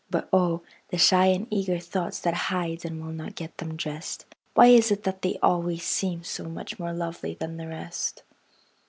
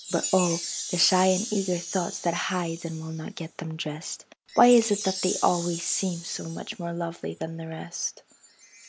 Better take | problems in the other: first | background sound (Chime); 10 dB below the speech

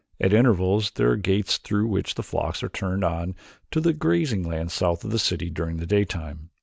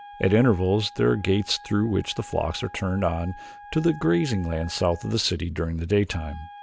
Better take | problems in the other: first | background sound (Wind instrument, woodwind instrument); 20 dB below the speech

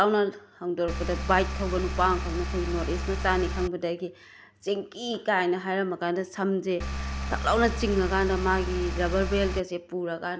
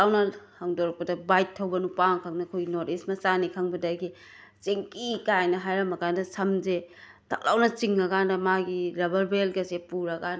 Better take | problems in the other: second | background sound (Engine); 3 dB below the speech

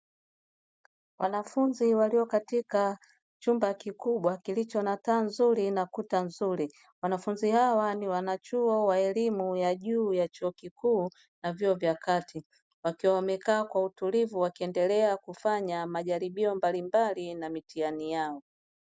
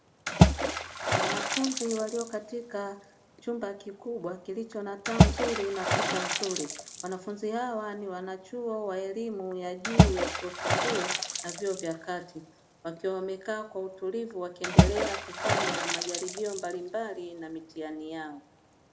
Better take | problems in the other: first | background sound (Water / Splash, splatter); 5 dB above the speech // room echo; dies away in 0.6 s

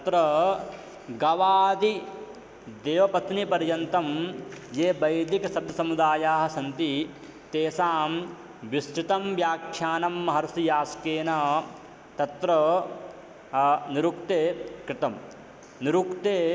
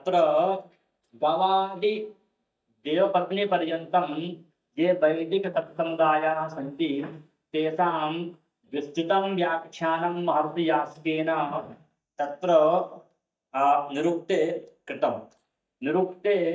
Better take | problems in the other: first | noise reduction (neural mask model DeepFilterNet 3)

